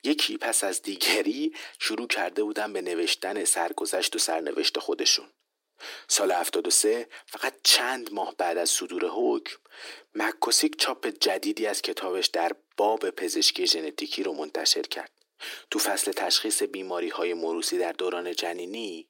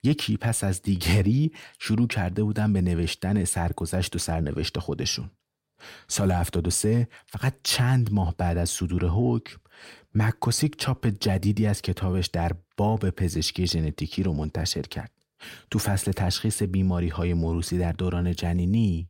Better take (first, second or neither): second